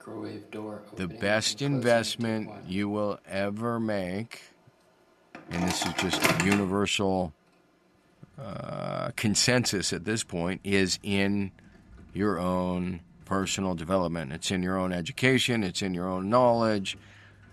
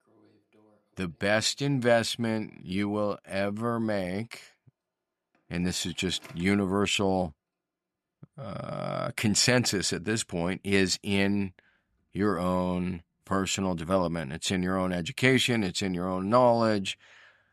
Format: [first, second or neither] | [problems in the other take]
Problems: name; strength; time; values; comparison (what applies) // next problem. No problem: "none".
second | household noises; loud; throughout; 5 dB below the speech; faint in the second